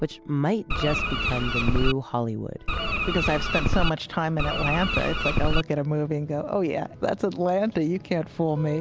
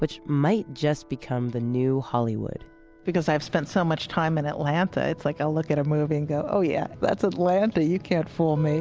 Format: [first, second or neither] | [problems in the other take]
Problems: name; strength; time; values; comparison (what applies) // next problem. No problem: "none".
second | background sound (Bird); 2 dB above the speech